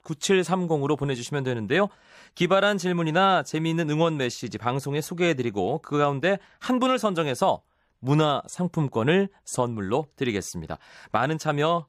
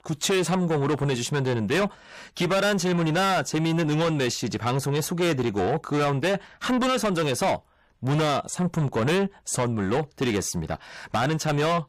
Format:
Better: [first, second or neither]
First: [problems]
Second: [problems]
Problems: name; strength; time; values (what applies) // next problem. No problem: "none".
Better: first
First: none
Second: distortion; heavy; 6 dB below the speech